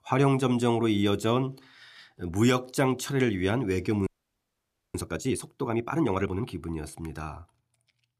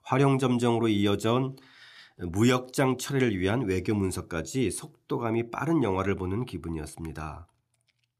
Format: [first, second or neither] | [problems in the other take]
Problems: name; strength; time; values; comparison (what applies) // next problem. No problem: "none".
second | audio freezing; at 4 s for 1 s